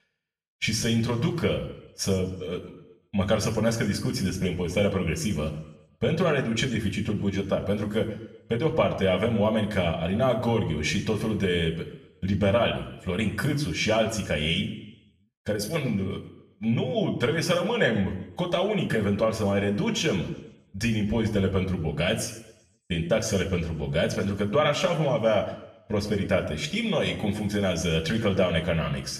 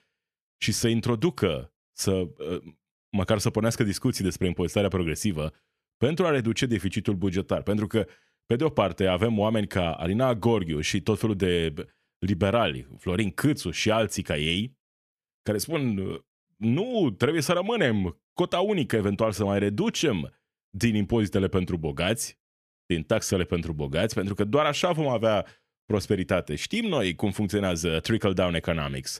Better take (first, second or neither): second